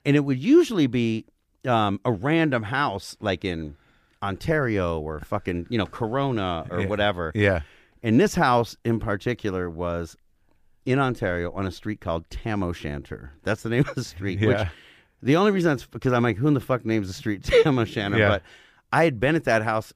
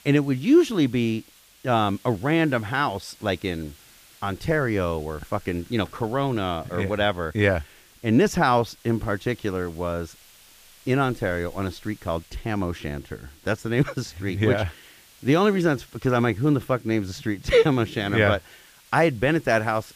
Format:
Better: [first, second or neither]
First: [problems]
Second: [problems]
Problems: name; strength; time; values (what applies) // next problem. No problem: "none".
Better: first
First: none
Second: hiss; faint; throughout; 25 dB below the speech